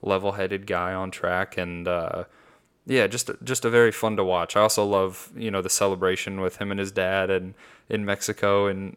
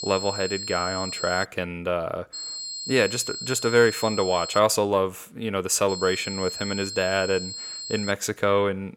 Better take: first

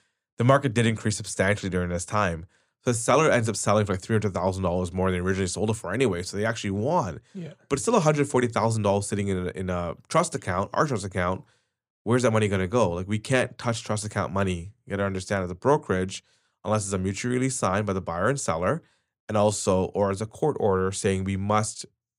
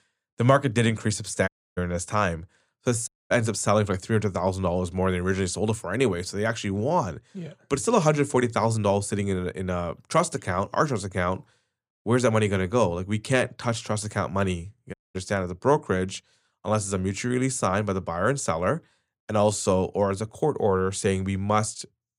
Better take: first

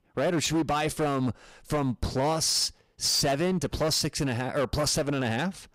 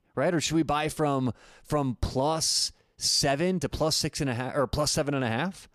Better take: second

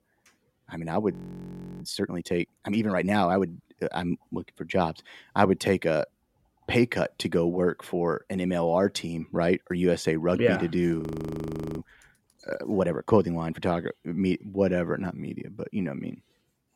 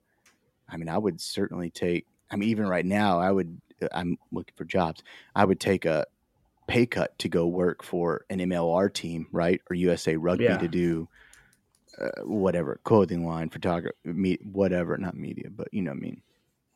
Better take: second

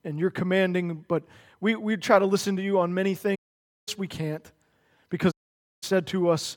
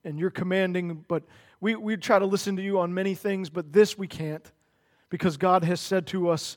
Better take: second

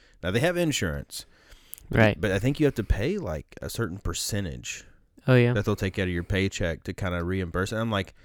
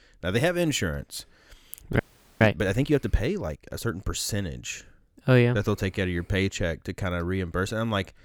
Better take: first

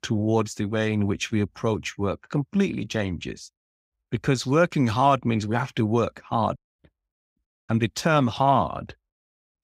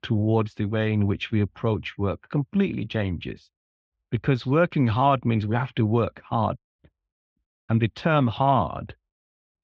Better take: first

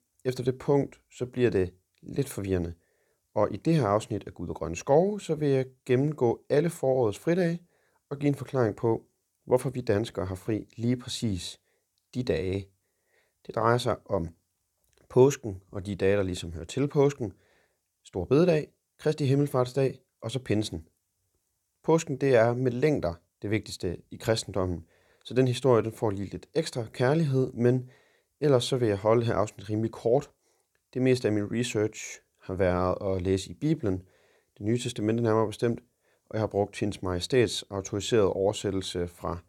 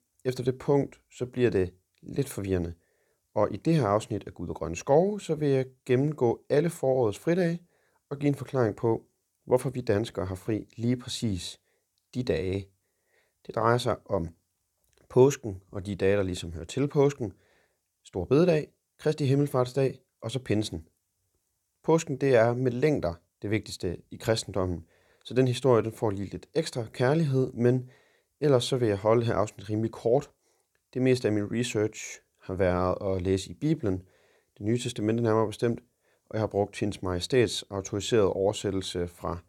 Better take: neither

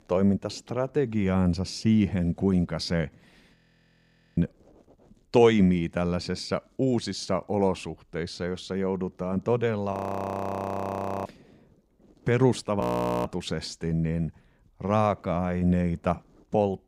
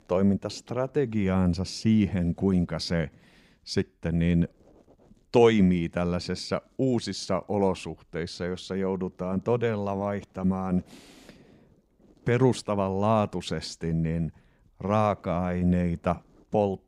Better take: second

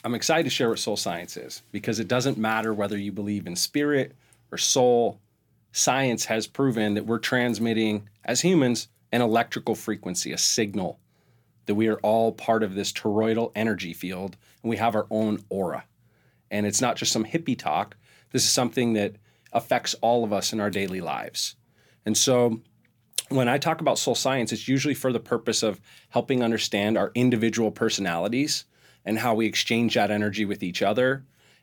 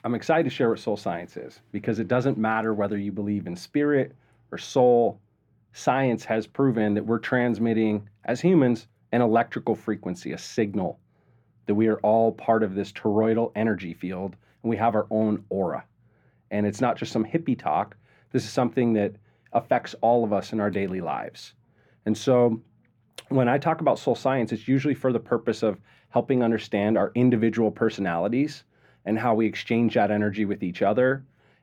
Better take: first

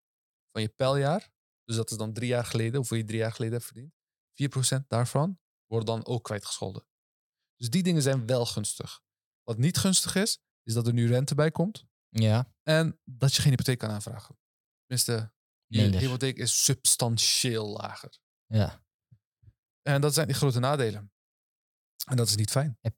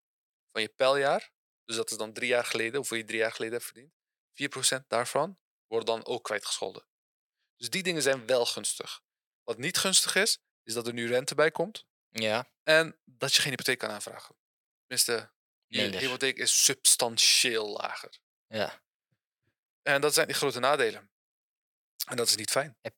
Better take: first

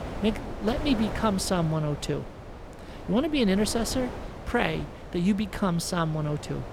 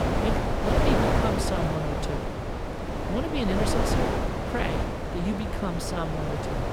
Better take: first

